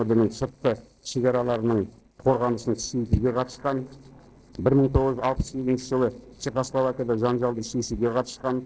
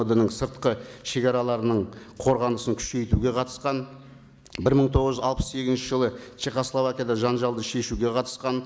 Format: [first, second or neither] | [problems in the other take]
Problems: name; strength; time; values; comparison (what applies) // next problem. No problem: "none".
second | noise reduction (neural separator model SepFormer DNS4)